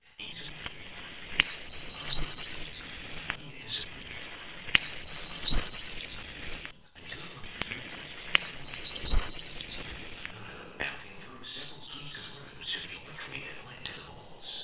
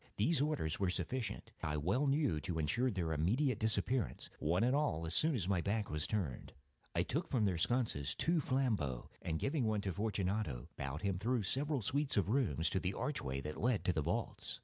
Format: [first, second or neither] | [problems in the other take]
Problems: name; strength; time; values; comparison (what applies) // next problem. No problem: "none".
second | noise reduction (neural separator model SepFormer WHAMR!)